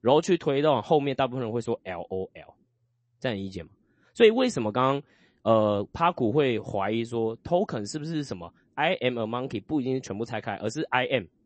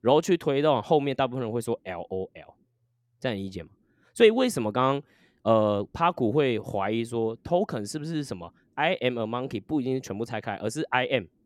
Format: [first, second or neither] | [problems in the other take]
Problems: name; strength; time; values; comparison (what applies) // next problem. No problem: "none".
second | garbled, watery; slightly; nothing above 8 kHz